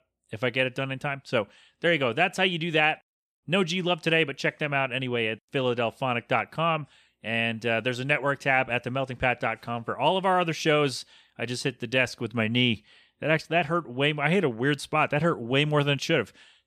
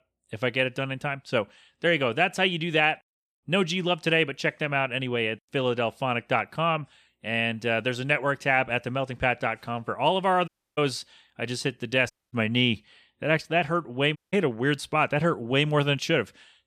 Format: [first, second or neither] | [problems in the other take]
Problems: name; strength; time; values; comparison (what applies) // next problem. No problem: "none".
first | audio cutting out; at 10 s, at 12 s and at 14 s